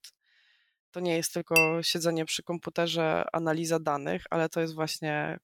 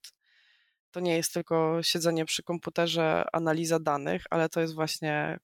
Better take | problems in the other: second | clattering dishes; loud; at 1.5 s; peak 5 dB above the speech

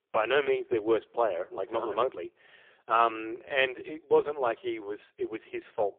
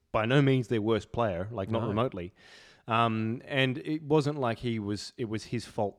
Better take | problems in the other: second | phone-call audio; poor line; nothing above 3.5 kHz

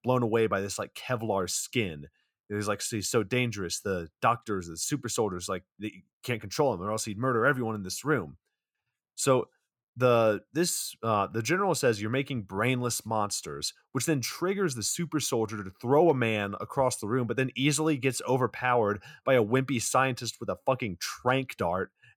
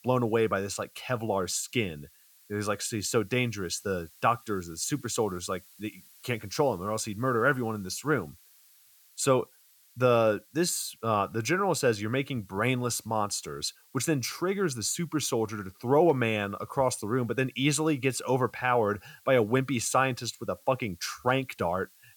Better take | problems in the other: first | hiss; faint; throughout; 25 dB below the speech

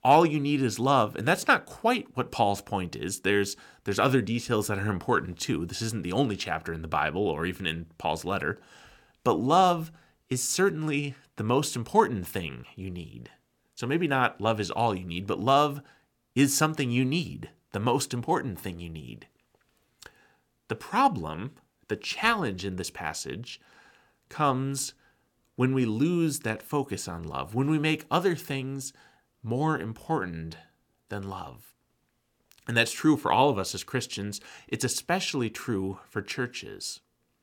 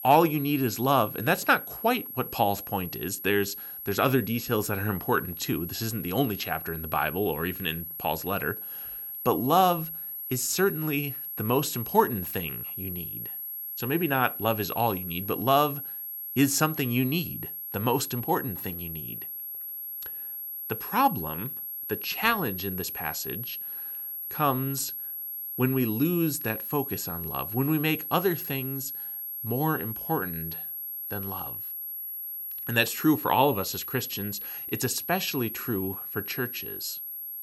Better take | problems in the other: first | high-pitched whine; loud; throughout; 11.5 kHz, 6 dB below the speech

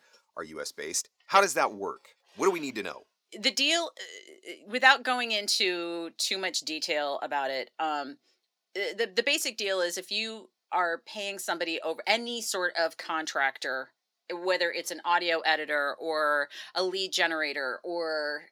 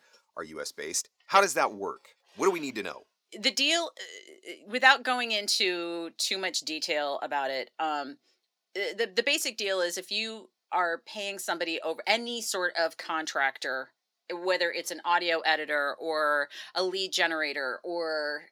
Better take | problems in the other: neither | thin; somewhat; fading below 350 Hz; the same in both

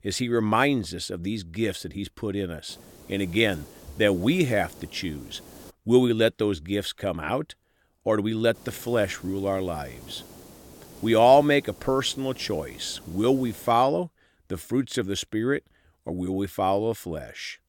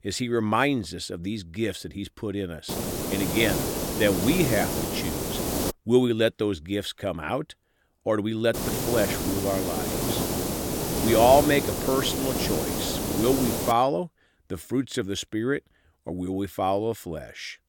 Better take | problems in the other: first | hiss; loud; from 2.5 to 5.5 s and from 8.5 to 14 s; 1 dB below the speech; faint in the first

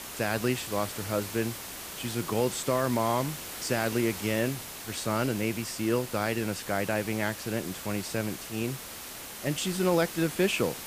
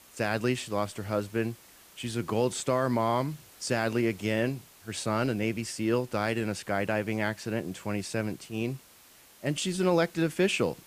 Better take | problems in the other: second | hiss; loud; throughout; 8 dB below the speech; faint in the second

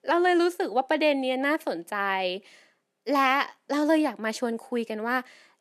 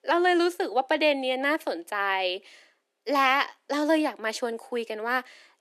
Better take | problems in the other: first | thin; very slightly; fading below 300 Hz

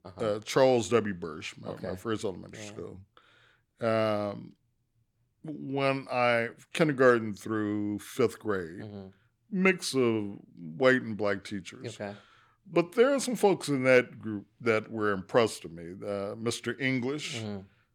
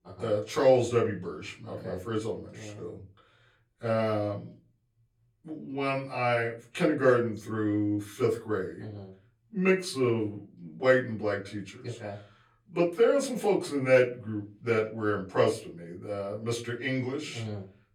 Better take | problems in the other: first | off-mic speech; far // room echo; very slight; dies away in 0.3 s

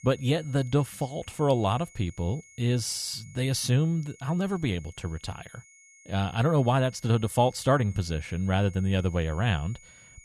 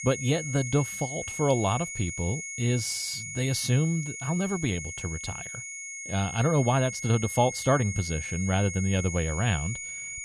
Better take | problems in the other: first | high-pitched whine; loud; throughout; 2 kHz, 7 dB below the speech; faint in the first

